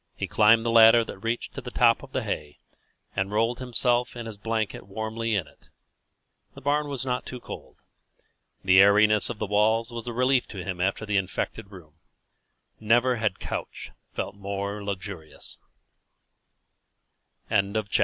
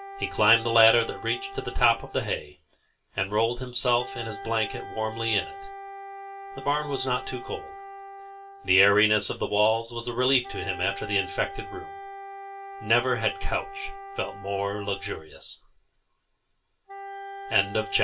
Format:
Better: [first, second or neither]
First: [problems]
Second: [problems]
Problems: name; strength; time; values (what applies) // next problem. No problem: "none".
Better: first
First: none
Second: background sound (Wind instrument, woodwind instrument); 13 dB below the speech // room echo; dies away in 0.2 s